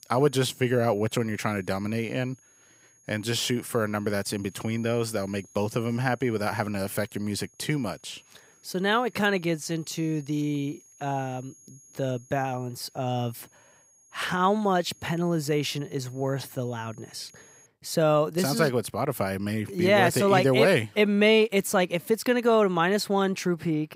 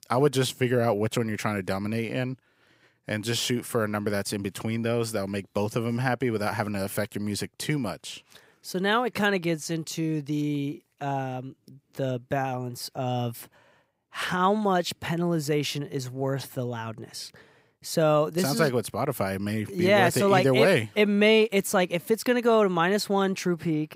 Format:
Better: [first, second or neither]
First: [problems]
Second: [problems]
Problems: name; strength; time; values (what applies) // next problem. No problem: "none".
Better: second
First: high-pitched whine; faint; until 18 s; 6.5 kHz, 30 dB below the speech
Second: none